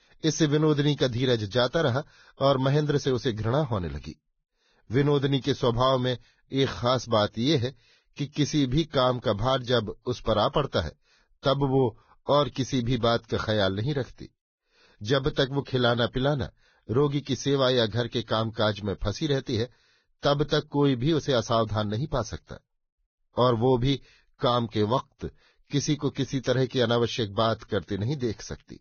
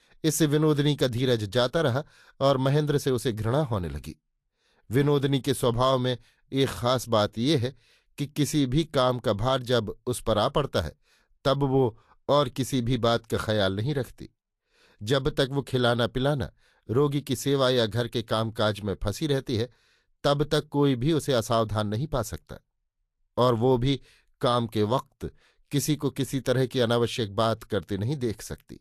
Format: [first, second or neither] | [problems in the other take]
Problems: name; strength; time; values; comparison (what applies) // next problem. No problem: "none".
second | garbled, watery; badly; nothing above 6.5 kHz; slightly in the second